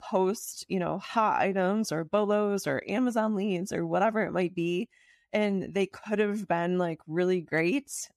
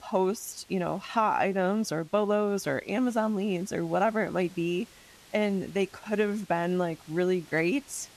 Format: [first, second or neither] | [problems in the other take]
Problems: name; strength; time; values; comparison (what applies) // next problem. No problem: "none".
first | hiss; faint; throughout; 25 dB below the speech